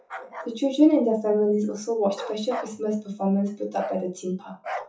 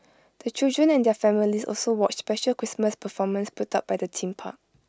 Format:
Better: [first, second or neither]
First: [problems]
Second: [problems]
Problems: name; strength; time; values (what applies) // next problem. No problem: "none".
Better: second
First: noise reduction (classical method WPE with log-MMSE)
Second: none